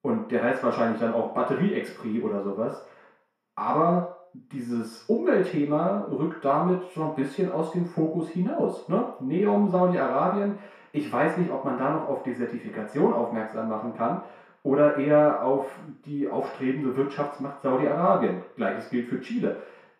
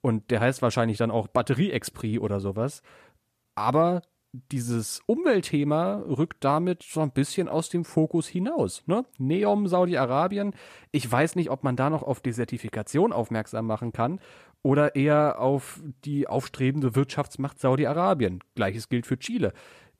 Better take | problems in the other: second | room echo; noticeable; dies away in 0.6 s // off-mic speech; far

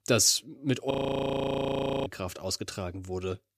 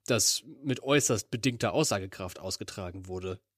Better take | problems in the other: second | audio freezing; at 1 s for 1 s

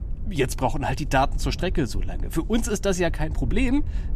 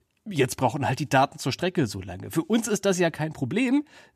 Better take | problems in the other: second | low rumble; faint; throughout; 25 dB below the speech

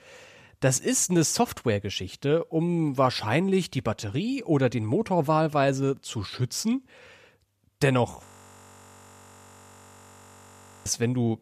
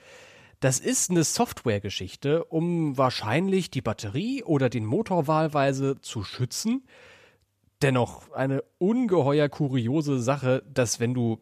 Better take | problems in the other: second | audio freezing; at 8.5 s for 2.5 s

